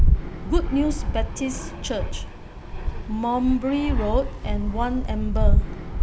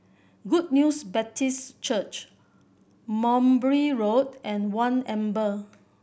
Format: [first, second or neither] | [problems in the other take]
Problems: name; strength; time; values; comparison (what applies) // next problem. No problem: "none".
second | background sound (Fixed-wing aircraft, airplane); 4 dB above the speech